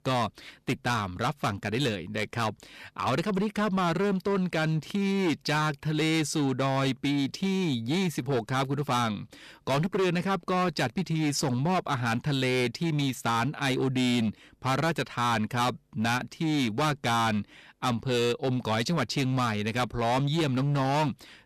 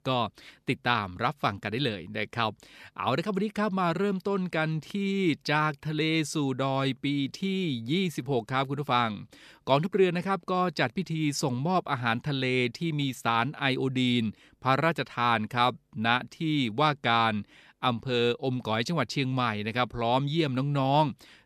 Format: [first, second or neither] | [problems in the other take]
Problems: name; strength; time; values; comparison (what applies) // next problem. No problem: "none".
second | distortion; heavy; 17% of the sound clipped